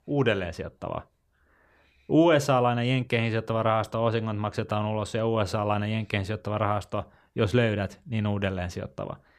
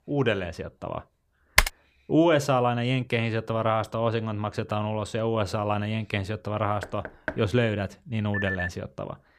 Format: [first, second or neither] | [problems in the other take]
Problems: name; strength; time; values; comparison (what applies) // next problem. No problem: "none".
first | keyboard typing; loud; at 1.5 s; peak 5 dB above the speech // door banging; noticeable; at 7 s; peak 9 dB below the speech // phone ringing; noticeable; at 8.5 s; peak 3 dB below the speech